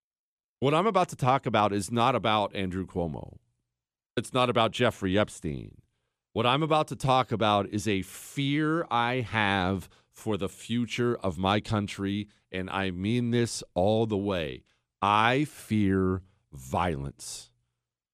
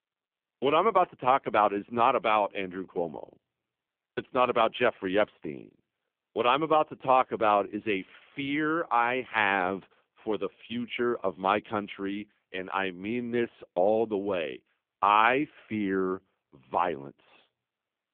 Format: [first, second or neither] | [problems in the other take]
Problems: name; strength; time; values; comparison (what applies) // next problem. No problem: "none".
first | phone-call audio; poor line; nothing above 3.5 kHz